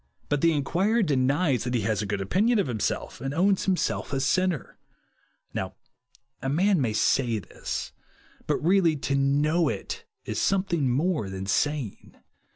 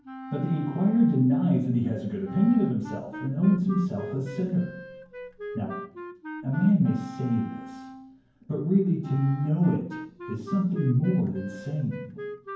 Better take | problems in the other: first | background sound (Wind instrument, woodwind instrument); 14 dB below the speech // room echo; dies away in 0.9 s

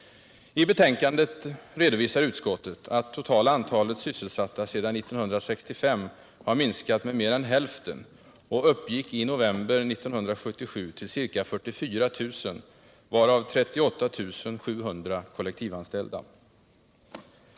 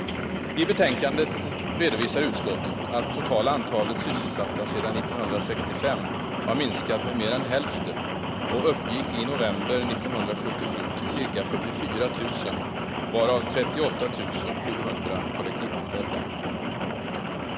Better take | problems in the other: first | background sound (Rain); 1 dB below the speech

